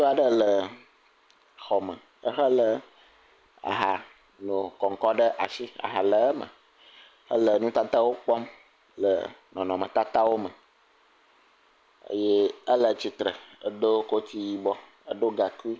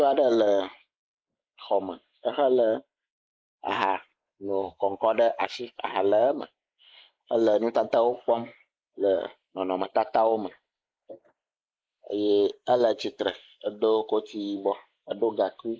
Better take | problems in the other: first | noise reduction (neural mask model Resemble Enhance denoiser)

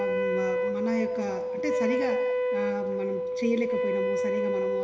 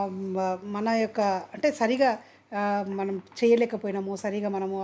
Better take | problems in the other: second | background sound (Wind instrument, woodwind instrument); 5 dB above the speech // room echo; dies away in 1.4 s

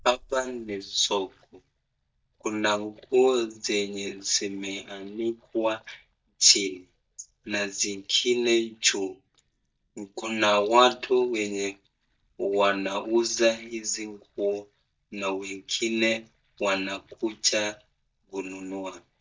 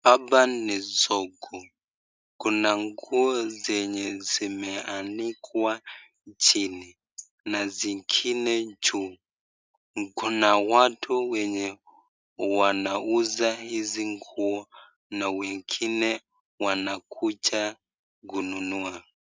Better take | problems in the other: second | noise reduction (neural mask model DeepFilterNet 3)

